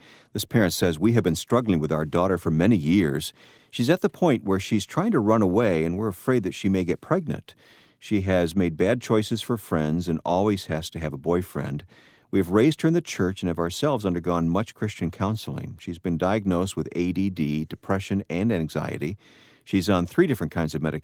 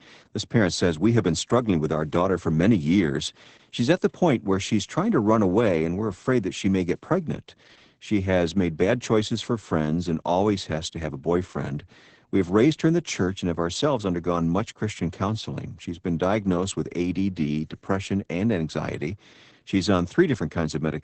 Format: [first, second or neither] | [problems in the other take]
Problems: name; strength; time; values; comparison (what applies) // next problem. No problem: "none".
first | garbled, watery; badly; nothing above 8 kHz; slightly in the first